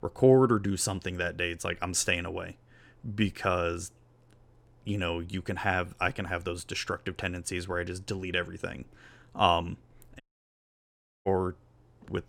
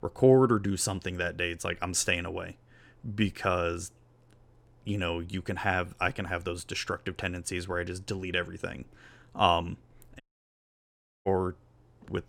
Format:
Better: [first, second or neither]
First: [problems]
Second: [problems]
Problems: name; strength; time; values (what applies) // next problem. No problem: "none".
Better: neither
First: audio cutting out; at 10 s for 1 s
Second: audio cutting out; at 10 s for 1 s